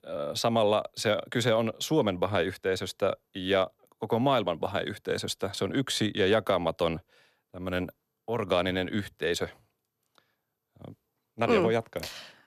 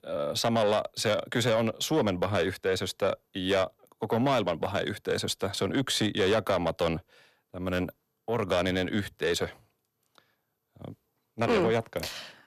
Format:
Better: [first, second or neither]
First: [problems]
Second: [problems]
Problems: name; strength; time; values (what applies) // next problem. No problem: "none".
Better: first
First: none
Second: distortion; slight; 10 dB below the speech